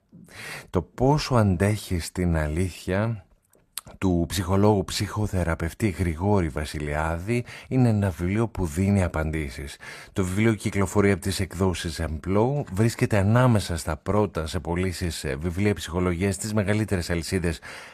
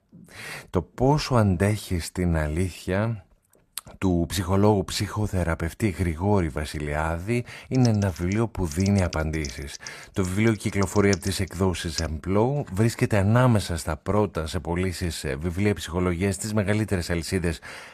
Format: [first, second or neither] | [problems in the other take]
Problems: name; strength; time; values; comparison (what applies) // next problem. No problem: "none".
first | keyboard typing; noticeable; from 8 to 12 s; peak 9 dB below the speech